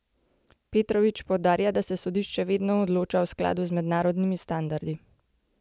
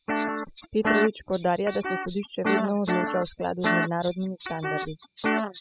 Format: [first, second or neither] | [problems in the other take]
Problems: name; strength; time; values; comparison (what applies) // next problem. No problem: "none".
first | noise reduction (classical method spectral subtraction)